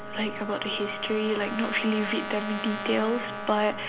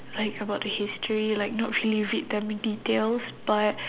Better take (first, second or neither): second